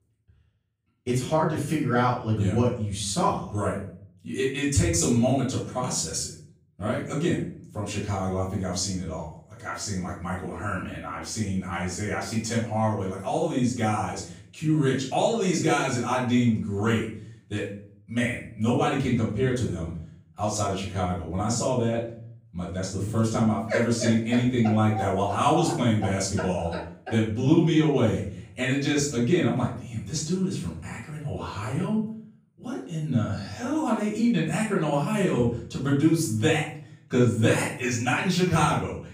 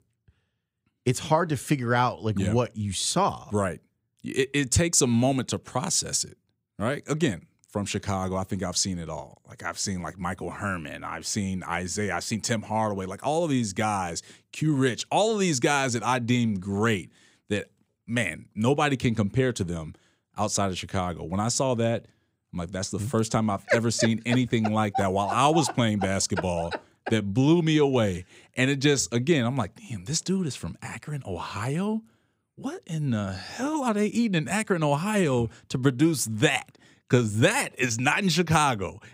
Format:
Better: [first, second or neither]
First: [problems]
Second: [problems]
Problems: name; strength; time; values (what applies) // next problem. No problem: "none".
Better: second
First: off-mic speech; far // room echo; noticeable; dies away in 0.5 s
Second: none